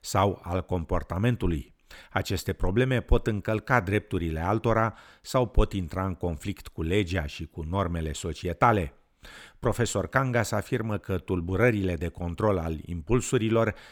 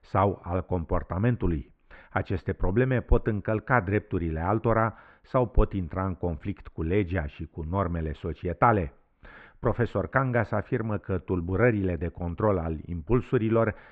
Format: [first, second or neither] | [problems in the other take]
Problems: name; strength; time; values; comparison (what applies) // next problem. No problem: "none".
first | muffled; very; fading above 2 kHz